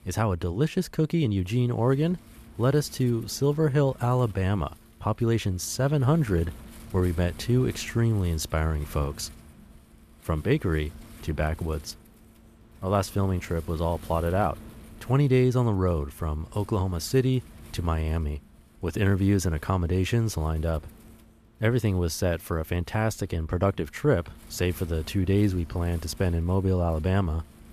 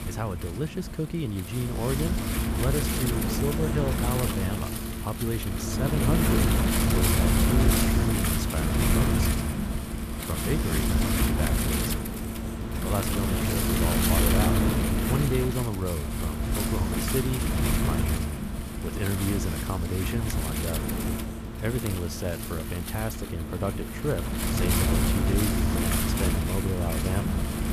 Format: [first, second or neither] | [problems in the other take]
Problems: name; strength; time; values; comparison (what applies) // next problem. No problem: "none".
first | wind noise on the microphone; heavy; 4 dB above the speech; occasional gusts in the first